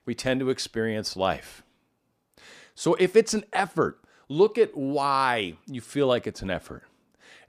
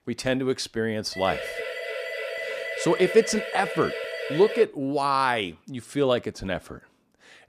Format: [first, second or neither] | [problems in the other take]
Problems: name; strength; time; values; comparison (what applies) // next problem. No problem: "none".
first | siren; noticeable; from 1 to 4.5 s; peak 5 dB below the speech